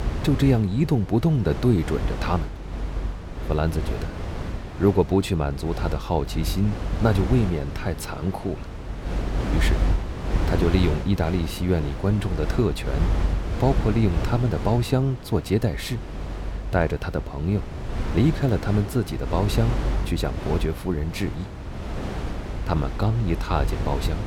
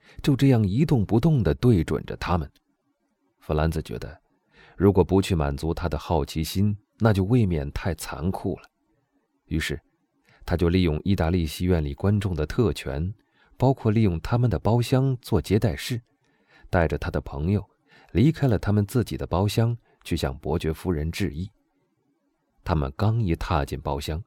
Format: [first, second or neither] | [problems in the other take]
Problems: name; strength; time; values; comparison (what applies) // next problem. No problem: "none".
second | wind noise on the microphone; heavy; 8 dB below the speech